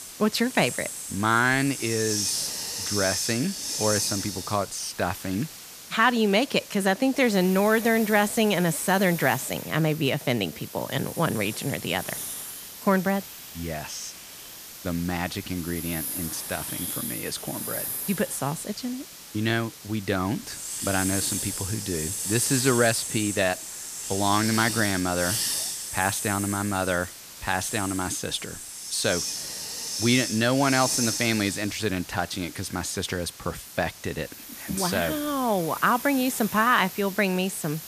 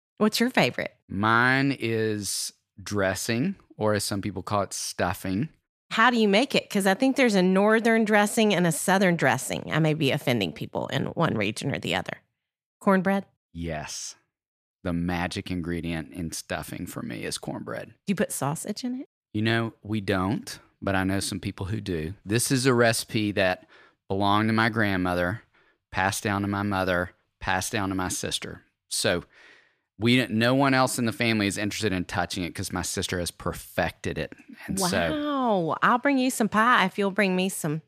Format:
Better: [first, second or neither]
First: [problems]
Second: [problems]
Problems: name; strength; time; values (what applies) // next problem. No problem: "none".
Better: second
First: hiss; loud; throughout; 6 dB below the speech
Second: none